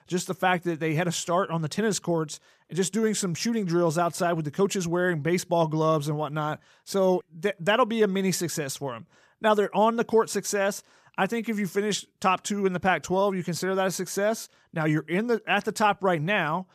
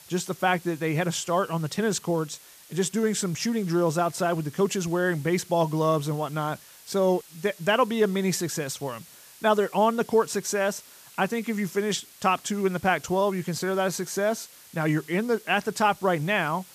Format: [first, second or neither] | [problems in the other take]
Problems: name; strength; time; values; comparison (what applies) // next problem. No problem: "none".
first | hiss; faint; throughout; 20 dB below the speech